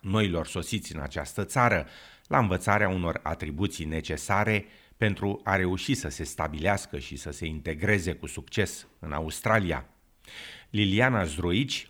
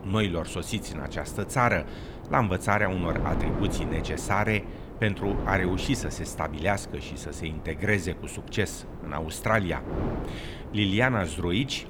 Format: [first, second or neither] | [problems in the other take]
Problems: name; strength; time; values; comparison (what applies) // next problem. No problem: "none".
first | wind noise on the microphone; occasional gusts; 10 dB below the speech